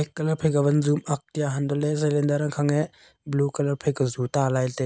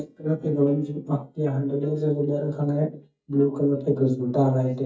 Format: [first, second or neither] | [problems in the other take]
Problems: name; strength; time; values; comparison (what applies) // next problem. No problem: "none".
first | noise reduction (neural mask model DeepFilterNet 3)